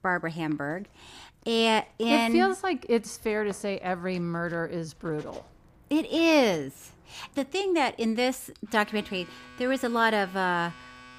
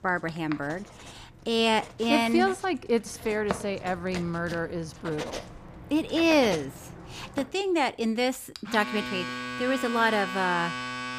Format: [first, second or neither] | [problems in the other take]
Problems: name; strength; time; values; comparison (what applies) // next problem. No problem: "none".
first | household noises; loud; throughout; 10 dB below the speech; faint in the first